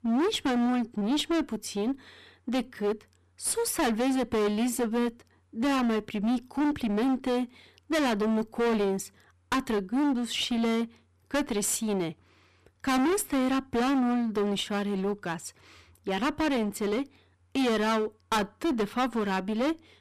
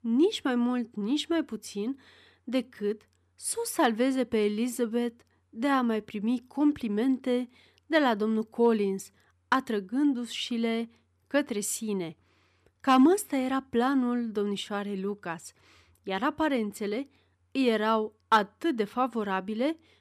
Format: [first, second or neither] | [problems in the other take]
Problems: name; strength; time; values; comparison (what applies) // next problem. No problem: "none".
second | distortion; heavy; 20% of the sound clipped